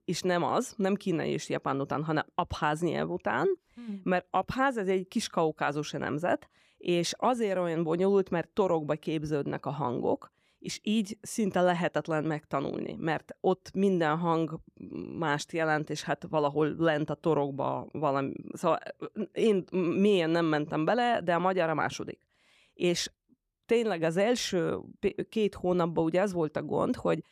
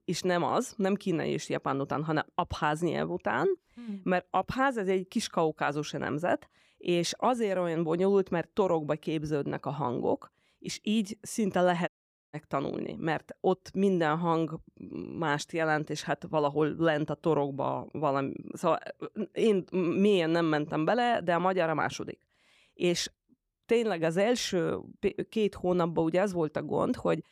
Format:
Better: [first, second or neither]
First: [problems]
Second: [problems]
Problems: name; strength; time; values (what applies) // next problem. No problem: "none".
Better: first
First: none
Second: audio cutting out; at 12 s